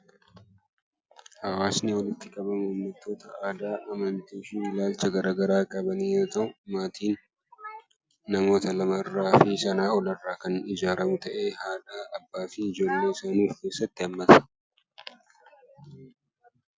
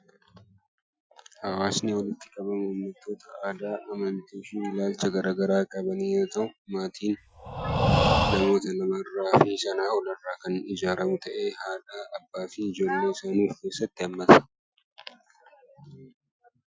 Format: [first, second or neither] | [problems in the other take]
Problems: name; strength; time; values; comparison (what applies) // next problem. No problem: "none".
first | noise reduction (classical method Wiener filter)